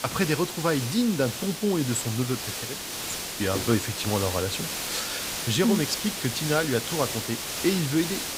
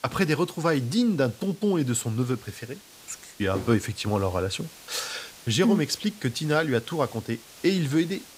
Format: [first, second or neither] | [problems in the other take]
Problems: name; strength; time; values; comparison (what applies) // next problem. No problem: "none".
second | hiss; loud; throughout; 4 dB below the speech; faint in the second